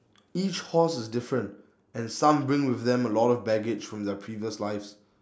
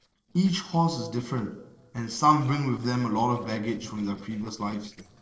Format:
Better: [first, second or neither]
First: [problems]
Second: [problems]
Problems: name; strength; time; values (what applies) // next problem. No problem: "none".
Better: first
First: none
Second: noise reduction (neural separator model SepFormer DNS4)